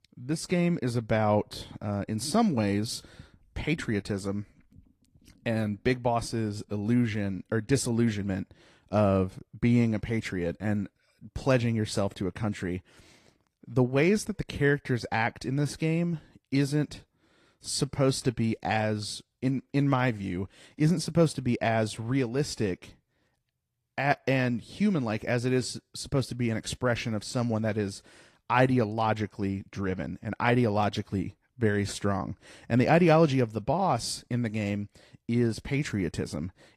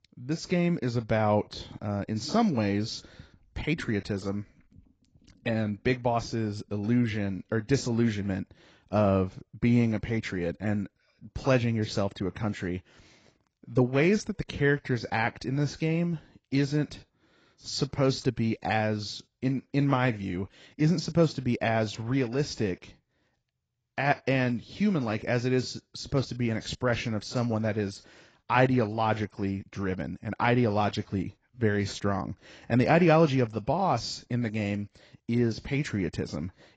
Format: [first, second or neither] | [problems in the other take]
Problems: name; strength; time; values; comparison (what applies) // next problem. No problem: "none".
first | garbled, watery; badly; nothing above 7.5 kHz; slightly in the first